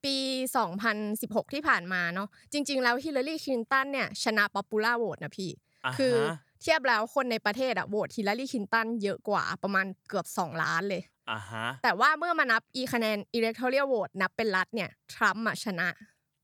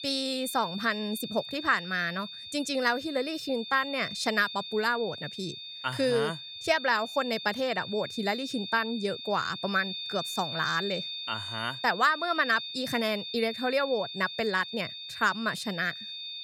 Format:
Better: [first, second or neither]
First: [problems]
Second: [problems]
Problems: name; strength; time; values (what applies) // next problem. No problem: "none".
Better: first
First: none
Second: high-pitched whine; loud; throughout; 3.5 kHz, 8 dB below the speech